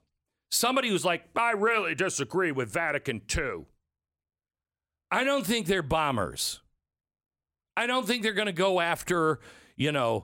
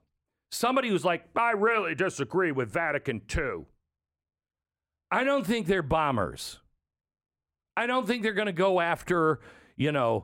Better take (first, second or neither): first